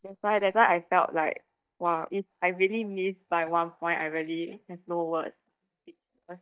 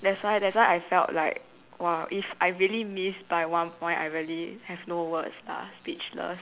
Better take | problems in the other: second | noise reduction (neural mask model DeepFilterNet 3)

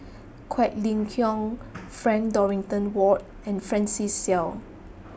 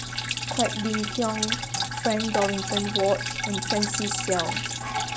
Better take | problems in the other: first | background sound (Drip); 1 dB below the speech

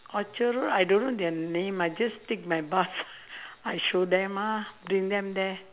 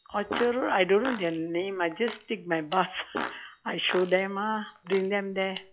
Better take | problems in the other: first | noise reduction (classical method log-MMSE)

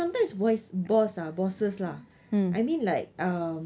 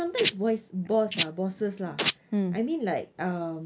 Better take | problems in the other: first | noise reduction (neural mask model Resemble Enhance denoiser)

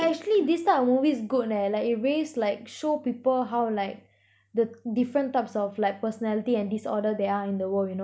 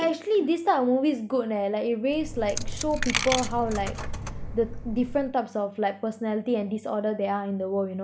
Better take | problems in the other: first | background sound (Coin (dropping)); 5 dB below the speech

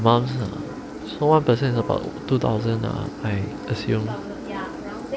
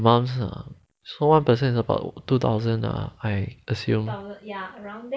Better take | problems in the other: second | background sound (Engine); 10 dB below the speech

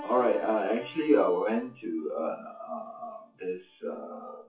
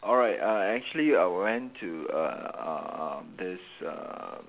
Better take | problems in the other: second | noise reduction (classical method WPE with log-MMSE)

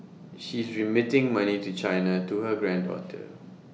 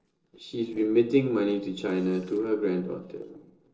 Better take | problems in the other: first | noise reduction (neural separator model SepFormer DNS4)

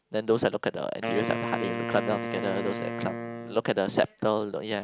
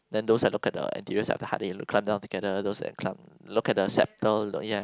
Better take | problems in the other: second | background sound (Wind instrument, woodwind instrument); 5 dB below the speech

